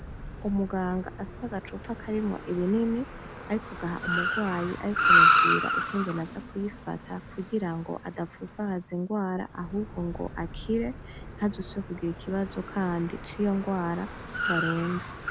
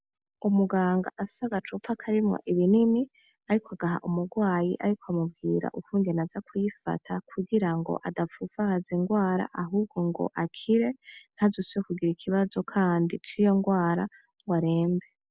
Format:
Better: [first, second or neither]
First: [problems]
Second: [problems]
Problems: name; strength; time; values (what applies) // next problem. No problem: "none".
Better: second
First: background sound (Car); 1 dB above the speech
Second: none